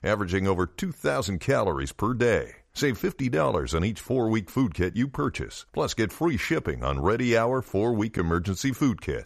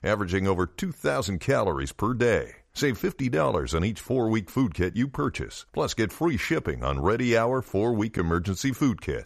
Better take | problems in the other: neither | none

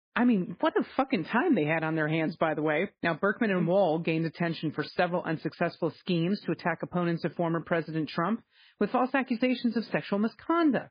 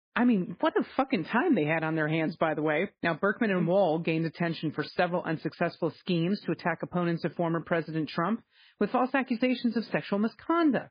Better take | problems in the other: neither | garbled, watery; badly; nothing above 4 kHz; the same in both

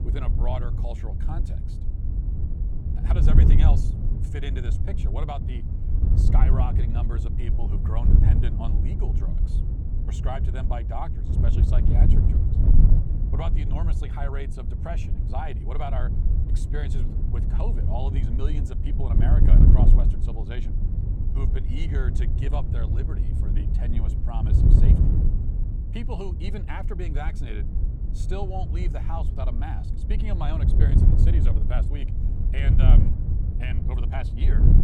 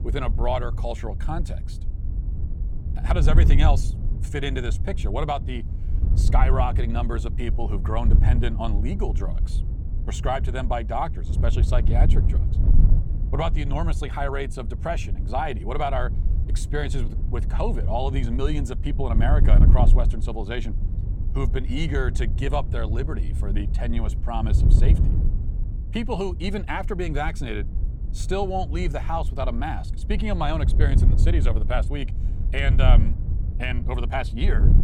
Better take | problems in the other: second | wind noise on the microphone; heavy; 1 dB below the speech; occasional gusts in the second

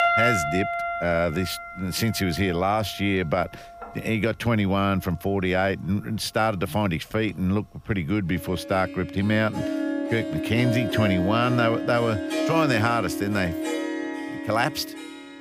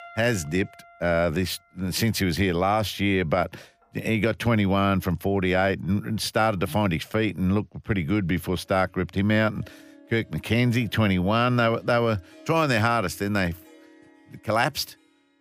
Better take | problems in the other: second | background music; loud; throughout; 5 dB below the speech; faint in the second

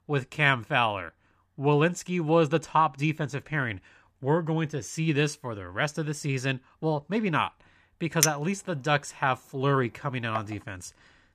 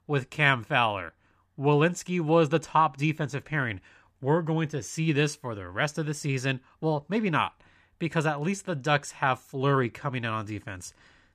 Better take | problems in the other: second | clattering dishes; loud; from 8 to 10 s; peak 2 dB above the speech

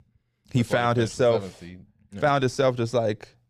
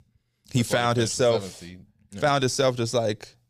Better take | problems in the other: second | muffled; slightly; fading above 3.5 kHz

